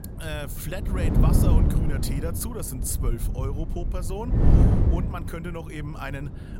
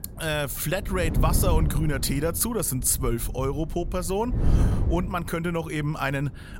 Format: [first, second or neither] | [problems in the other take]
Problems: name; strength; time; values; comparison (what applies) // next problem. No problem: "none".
second | wind noise on the microphone; heavy; as loud as the speech; occasional gusts in the second